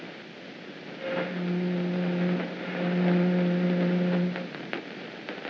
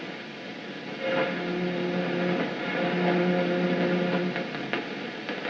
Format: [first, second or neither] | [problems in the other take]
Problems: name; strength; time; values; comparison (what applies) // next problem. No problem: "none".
first | room echo; dies away in 1 s